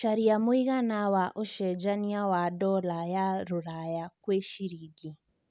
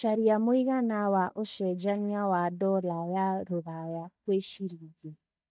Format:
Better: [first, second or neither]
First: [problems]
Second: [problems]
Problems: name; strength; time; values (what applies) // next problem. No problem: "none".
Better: first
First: none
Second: noise reduction (neural mask model DeepFilterNet 3)